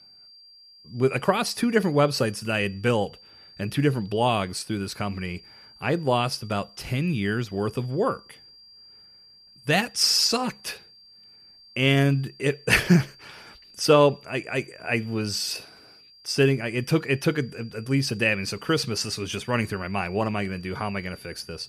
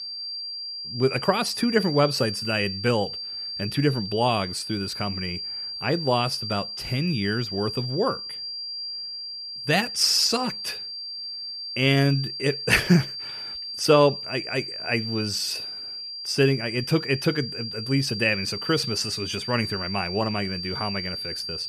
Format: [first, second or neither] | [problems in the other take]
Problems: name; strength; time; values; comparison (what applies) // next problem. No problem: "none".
first | high-pitched whine; loud; throughout; 4.5 kHz, 6 dB below the speech; faint in the first